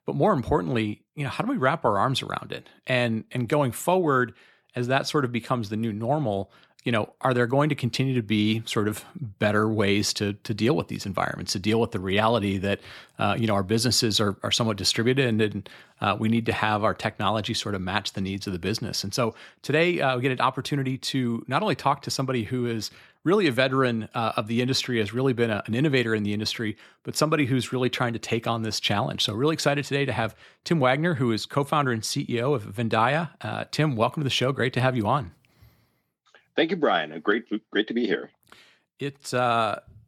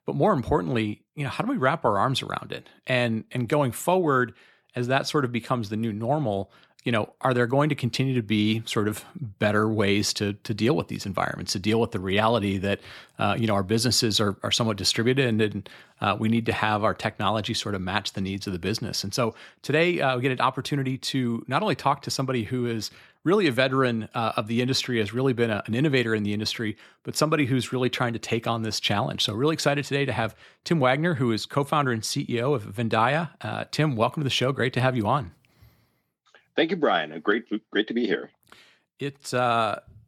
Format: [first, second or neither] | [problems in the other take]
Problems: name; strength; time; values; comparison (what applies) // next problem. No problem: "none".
neither | none